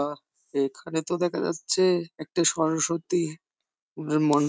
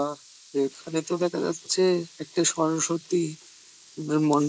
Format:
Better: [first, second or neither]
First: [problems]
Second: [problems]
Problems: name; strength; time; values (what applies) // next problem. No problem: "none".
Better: first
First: none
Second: noise reduction (neural mask model Resemble Enhance denoiser)